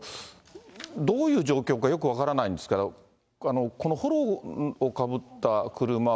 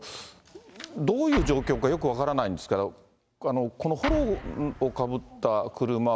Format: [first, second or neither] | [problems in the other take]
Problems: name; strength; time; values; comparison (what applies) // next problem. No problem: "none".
first | background sound (Explosion); 8 dB below the speech